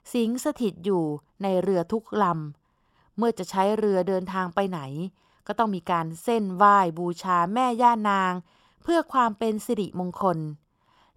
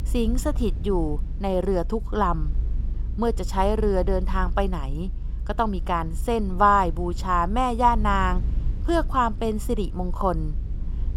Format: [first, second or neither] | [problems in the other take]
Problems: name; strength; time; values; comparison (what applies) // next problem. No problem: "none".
first | low rumble; faint; throughout; 25 dB below the speech